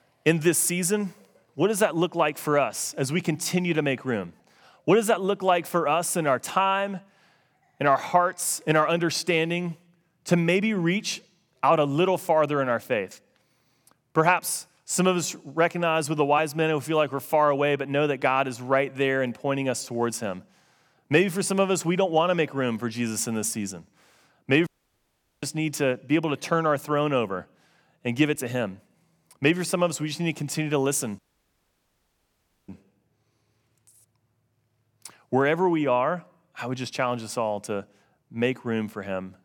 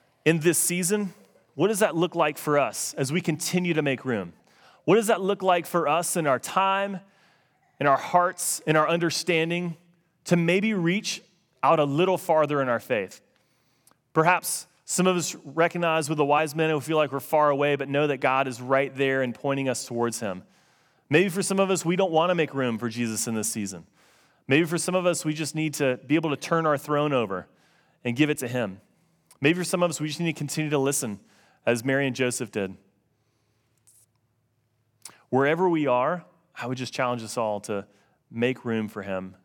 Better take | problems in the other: second | audio cutting out; at 25 s for 1 s and at 31 s for 1.5 s

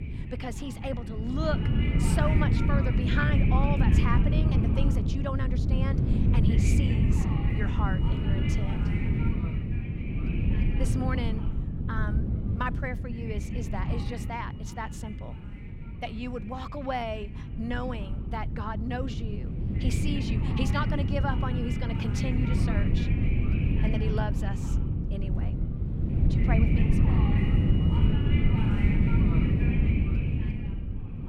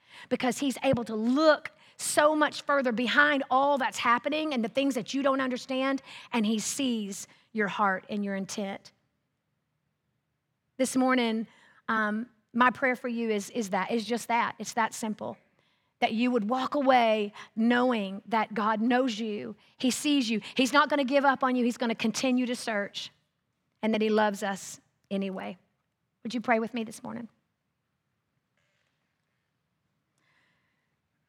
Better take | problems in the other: second | wind noise on the microphone; heavy; 1 dB below the speech

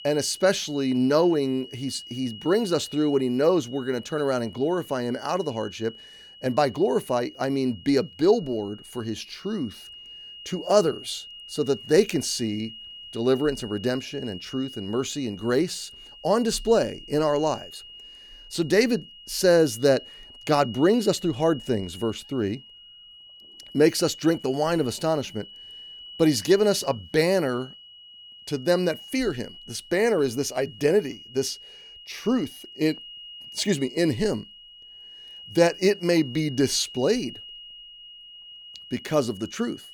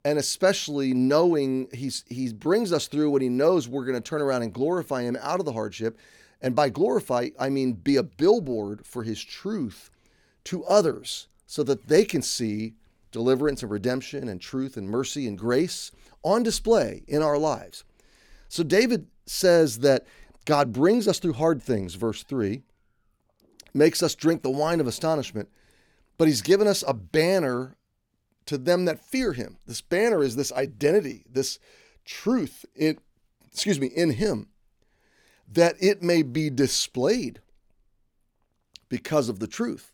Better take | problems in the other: second | high-pitched whine; noticeable; throughout; 3 kHz, 15 dB below the speech

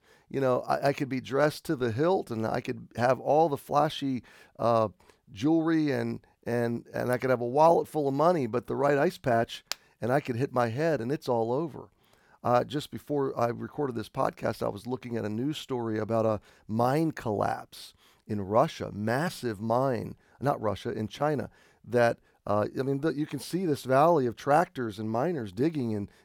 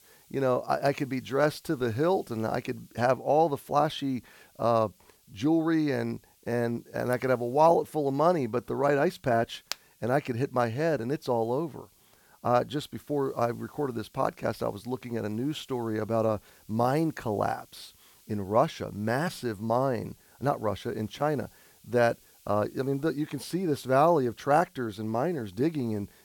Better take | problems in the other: first | hiss; faint; throughout; 30 dB below the speech

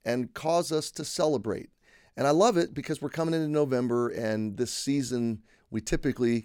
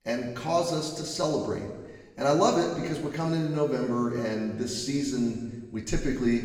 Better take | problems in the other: first | room echo; noticeable; dies away in 1.2 s // off-mic speech; far

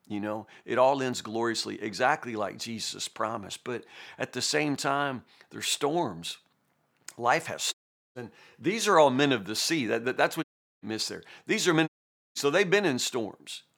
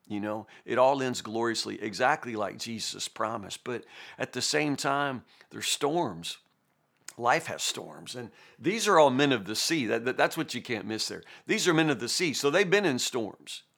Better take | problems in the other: second | audio cutting out; at 7.5 s, at 10 s and at 12 s

